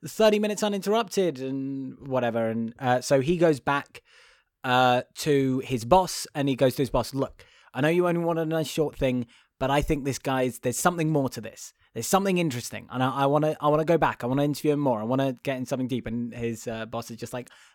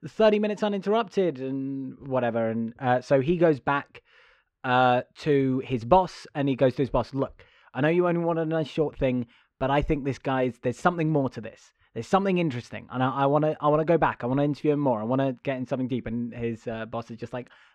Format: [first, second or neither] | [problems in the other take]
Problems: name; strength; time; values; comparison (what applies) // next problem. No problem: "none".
first | muffled; slightly; fading above 3 kHz